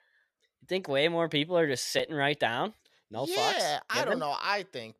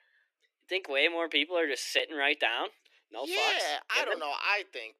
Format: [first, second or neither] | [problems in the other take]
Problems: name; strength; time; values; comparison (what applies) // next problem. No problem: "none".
first | thin; very slightly; fading below 300 Hz